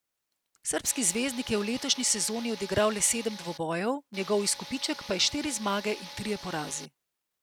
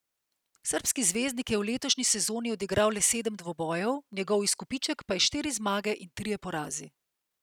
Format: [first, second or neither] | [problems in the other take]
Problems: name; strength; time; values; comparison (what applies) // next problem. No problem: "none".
second | background sound (Tools); 13 dB below the speech